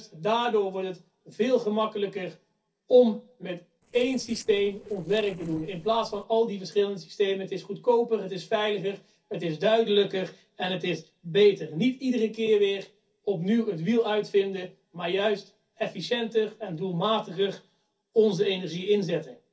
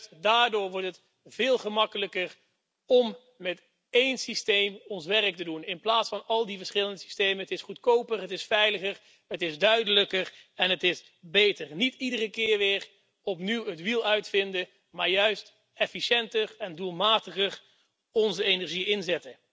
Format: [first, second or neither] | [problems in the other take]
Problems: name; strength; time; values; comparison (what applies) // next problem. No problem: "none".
second | noise reduction (neural separator model SepFormer DNS4)